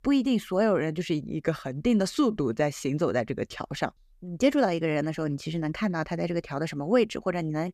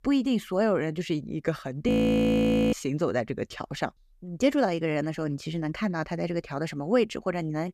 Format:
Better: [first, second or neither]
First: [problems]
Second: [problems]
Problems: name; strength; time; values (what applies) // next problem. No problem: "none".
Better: first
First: none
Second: audio freezing; at 2 s for 1 s